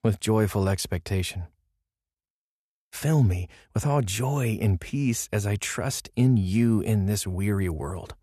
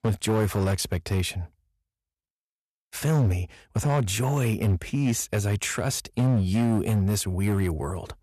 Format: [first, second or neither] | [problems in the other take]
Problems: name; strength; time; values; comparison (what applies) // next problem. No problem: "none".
first | distortion; slight; 12% of the sound clipped